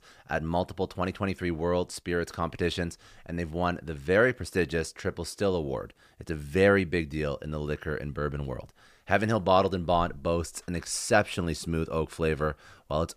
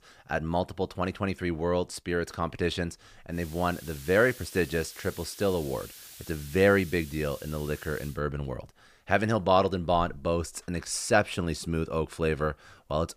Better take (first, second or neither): first